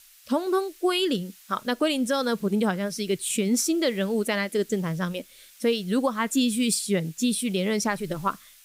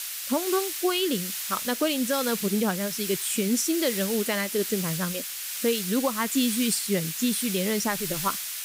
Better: first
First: hiss; faint; throughout; 25 dB below the speech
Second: hiss; loud; throughout; 3 dB below the speech

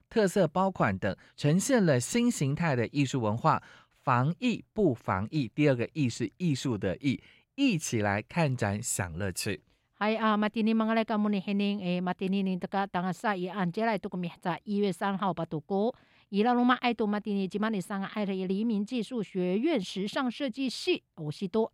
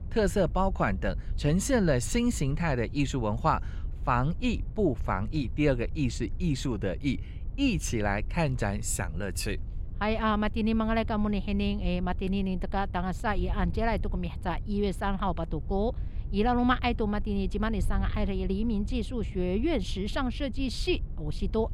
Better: first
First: none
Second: wind noise on the microphone; occasional gusts; 25 dB below the speech

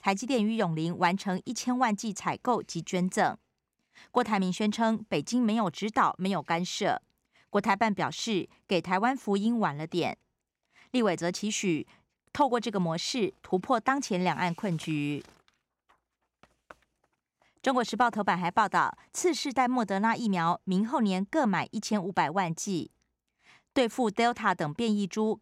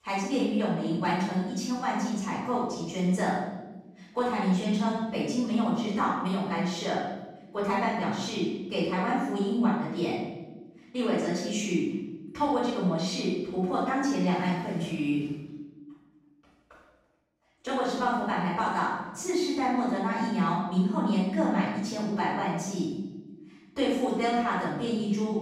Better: first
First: none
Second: off-mic speech; far // room echo; strong; dies away in 1 s

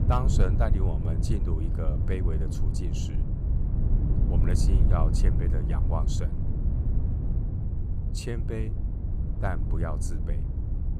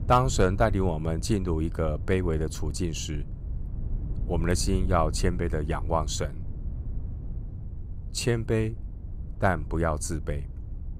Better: second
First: wind noise on the microphone; heavy; 4 dB below the speech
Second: wind noise on the microphone; occasional gusts; 20 dB below the speech

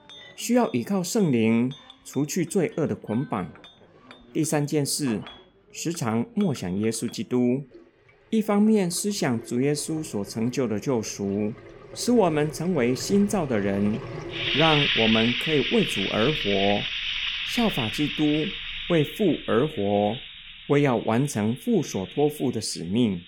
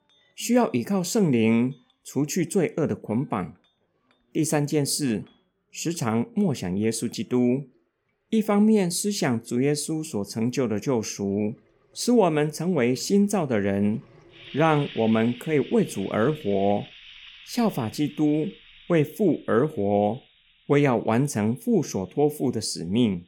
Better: second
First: household noises; loud; throughout; 3 dB below the speech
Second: household noises; faint; throughout; 20 dB below the speech

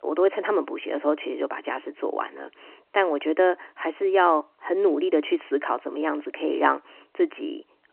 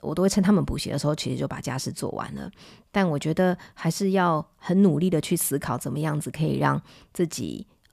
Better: second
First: phone-call audio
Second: none

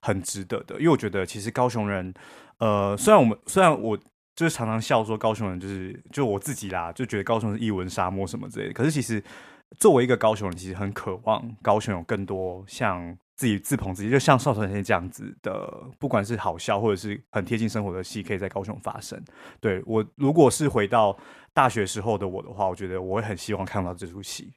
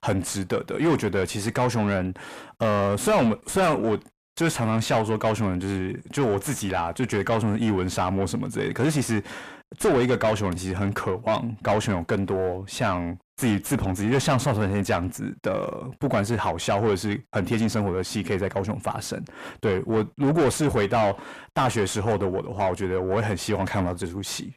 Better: first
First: none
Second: distortion; heavy; 6 dB below the speech

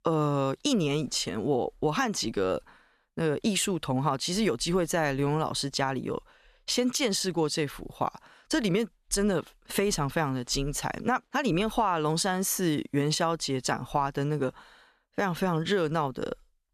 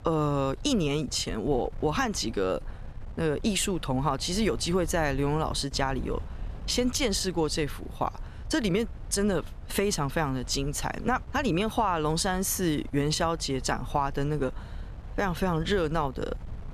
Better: first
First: none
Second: wind noise on the microphone; occasional gusts; 25 dB below the speech

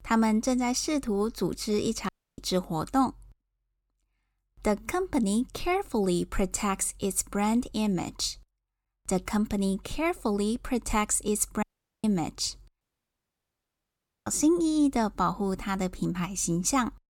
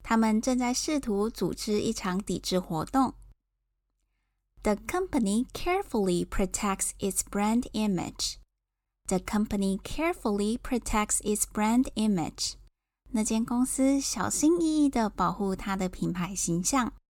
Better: second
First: audio cutting out; at 2 s, at 12 s and at 13 s for 1.5 s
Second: none

